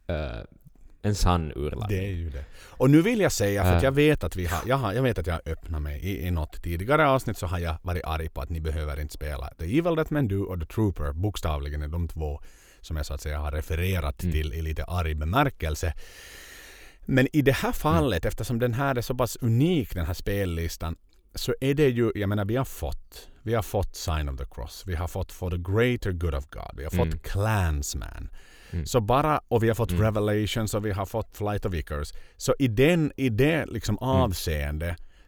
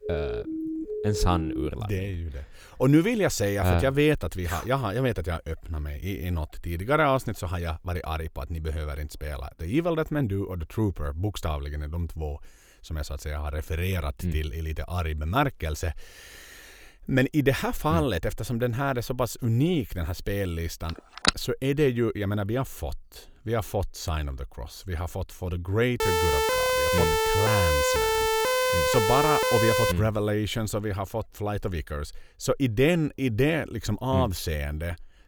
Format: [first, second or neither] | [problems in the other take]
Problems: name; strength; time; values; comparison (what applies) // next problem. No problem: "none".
first | siren; noticeable; until 1.5 s; peak 4 dB below the speech // phone ringing; very faint; at 21 s; peak 3 dB above the speech // siren; loud; from 26 to 30 s; peak 5 dB above the speech